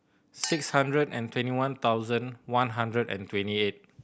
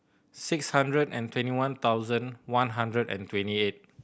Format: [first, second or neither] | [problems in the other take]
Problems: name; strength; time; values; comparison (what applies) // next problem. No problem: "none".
second | background sound (Chink, clink); 15 dB below the speech